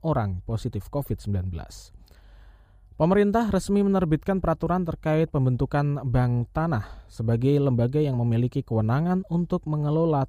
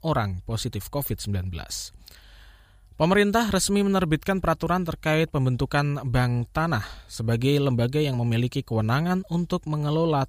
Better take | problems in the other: second | muffled; slightly; fading above 1.5 kHz

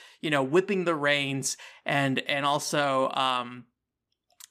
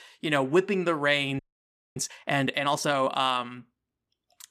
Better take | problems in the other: first | audio freezing; at 1.5 s for 0.5 s

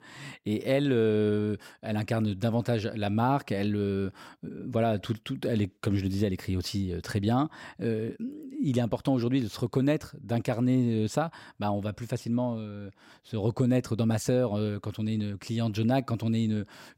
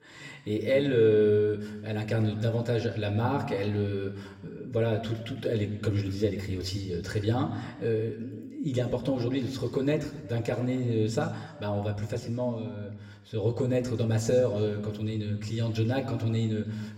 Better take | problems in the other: first | room echo; slight; dies away in 1.1 s // off-mic speech; somewhat distant

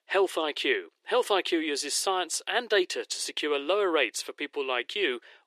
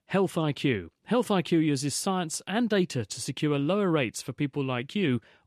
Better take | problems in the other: second | thin; very; fading below 350 Hz

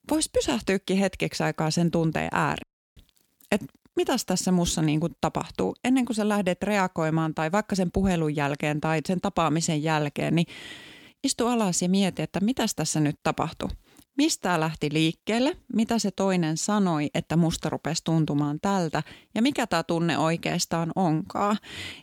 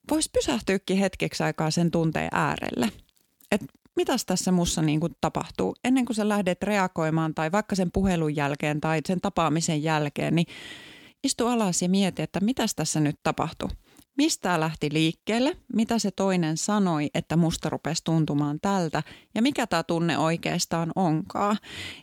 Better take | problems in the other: second | audio cutting out; at 2.5 s

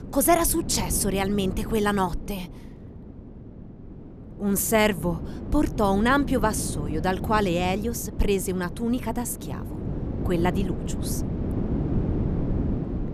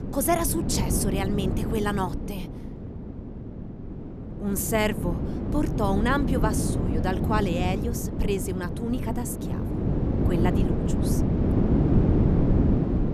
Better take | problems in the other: first | wind noise on the microphone; heavy; 4 dB below the speech; occasional gusts in the first

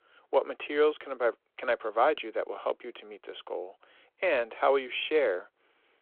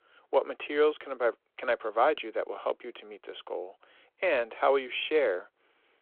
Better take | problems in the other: neither | phone-call audio; the same in both

